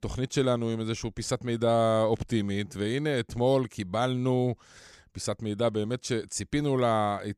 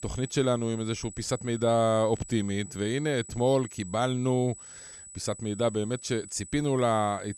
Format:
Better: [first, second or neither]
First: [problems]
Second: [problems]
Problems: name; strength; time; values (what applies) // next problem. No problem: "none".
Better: first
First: none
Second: high-pitched whine; noticeable; throughout; 8 kHz, 15 dB below the speech